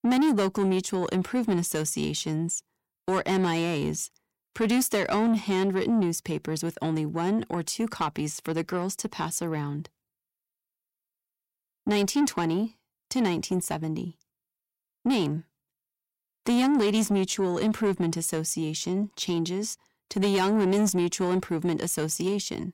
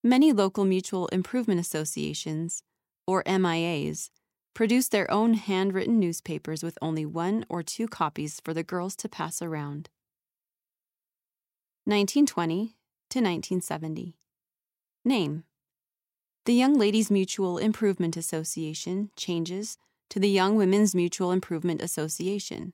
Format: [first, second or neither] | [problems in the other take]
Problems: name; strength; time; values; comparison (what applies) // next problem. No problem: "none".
second | distortion; slight; 10 dB below the speech